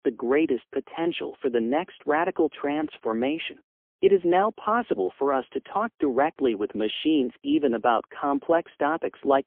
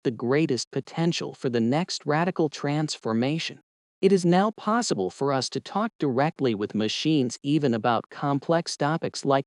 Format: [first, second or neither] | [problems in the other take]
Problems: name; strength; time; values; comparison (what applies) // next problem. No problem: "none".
second | phone-call audio; poor line; nothing above 3.5 kHz